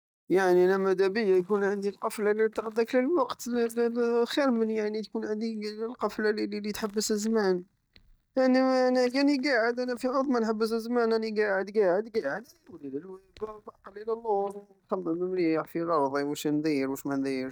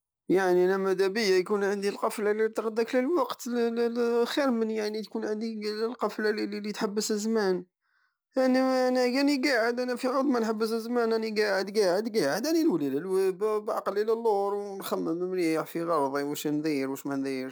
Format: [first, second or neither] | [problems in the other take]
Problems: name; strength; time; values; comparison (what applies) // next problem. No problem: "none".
second | noise reduction (neural mask model DeepFilterNet 3)